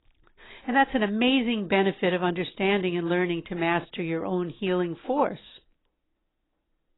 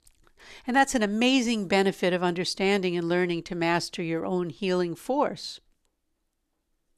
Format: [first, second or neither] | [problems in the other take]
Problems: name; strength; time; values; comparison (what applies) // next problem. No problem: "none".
second | garbled, watery; badly; nothing above 4 kHz